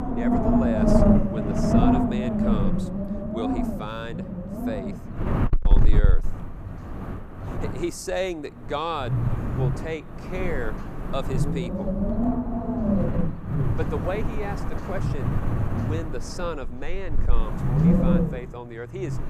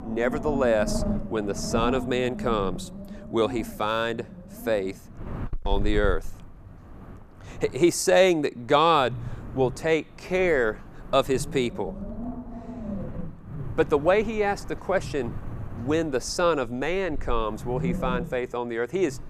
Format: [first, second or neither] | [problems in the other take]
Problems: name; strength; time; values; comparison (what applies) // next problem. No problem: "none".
second | wind noise on the microphone; heavy; 3 dB above the speech; occasional gusts in the second